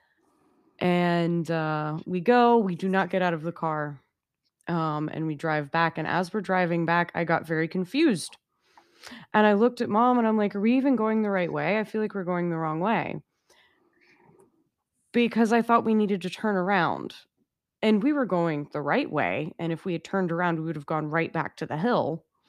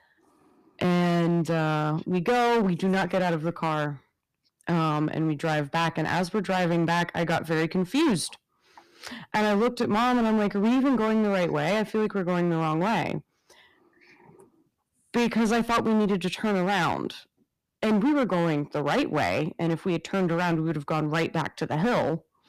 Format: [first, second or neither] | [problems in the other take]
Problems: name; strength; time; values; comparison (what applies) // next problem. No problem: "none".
first | distortion; heavy; 14% of the sound clipped